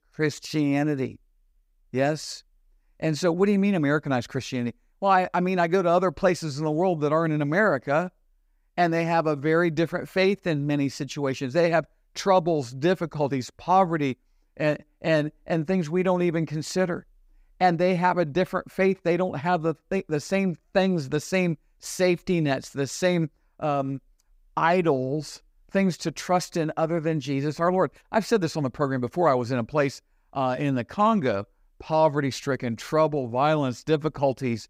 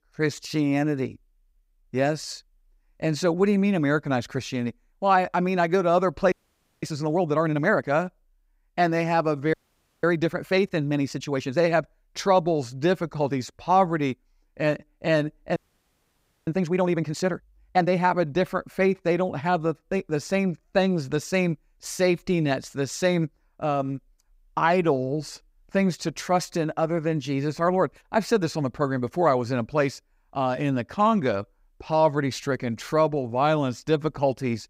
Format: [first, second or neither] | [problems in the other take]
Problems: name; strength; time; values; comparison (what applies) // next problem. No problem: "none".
first | audio freezing; at 6.5 s for 0.5 s, at 9.5 s and at 16 s for 1 s